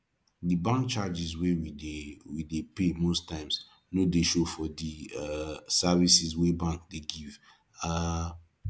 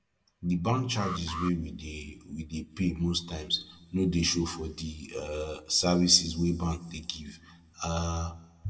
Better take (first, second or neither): first